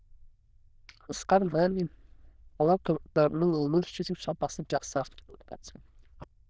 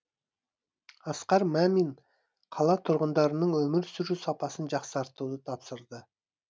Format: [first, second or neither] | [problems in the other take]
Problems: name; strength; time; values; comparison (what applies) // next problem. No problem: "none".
second | noise reduction (neural diffusion model UNIVERSE++)